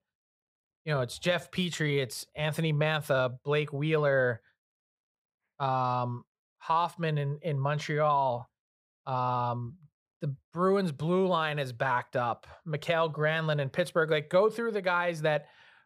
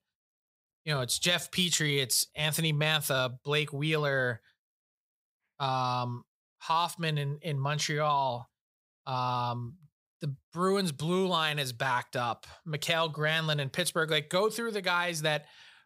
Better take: second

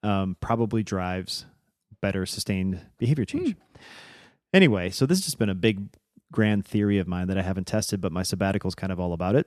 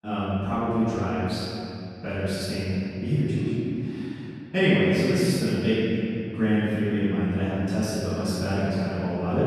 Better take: first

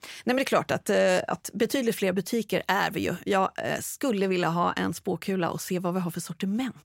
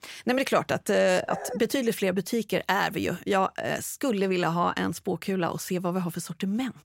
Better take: first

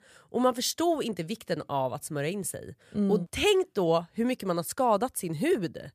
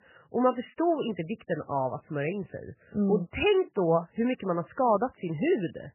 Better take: first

